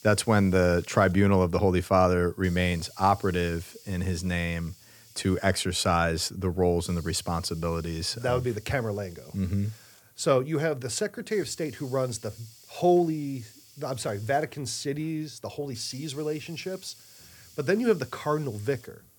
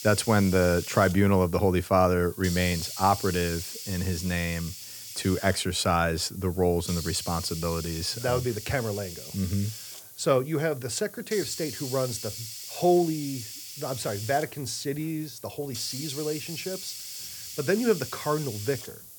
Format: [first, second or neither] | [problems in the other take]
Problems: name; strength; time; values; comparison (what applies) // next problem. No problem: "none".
first | hiss; loud; throughout; 10 dB below the speech; faint in the first